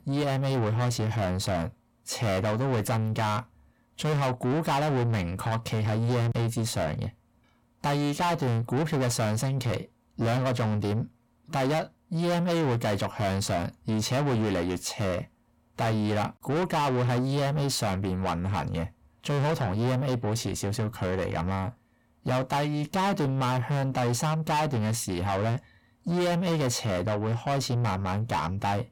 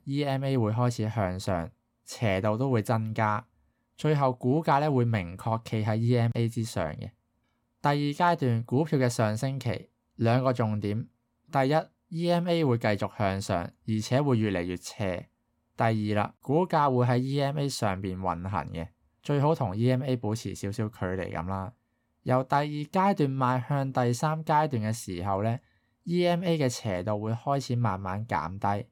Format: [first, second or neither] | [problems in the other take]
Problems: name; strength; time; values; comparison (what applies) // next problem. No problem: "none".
second | distortion; heavy; 6 dB below the speech